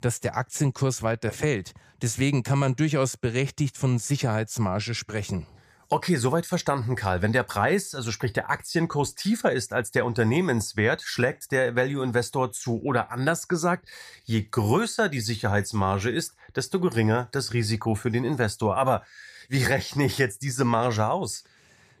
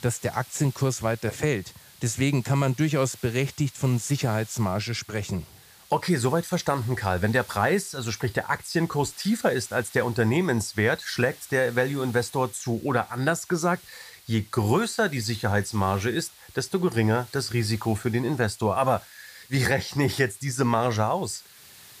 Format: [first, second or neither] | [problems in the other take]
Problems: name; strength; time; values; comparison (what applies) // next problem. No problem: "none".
first | hiss; faint; throughout; 20 dB below the speech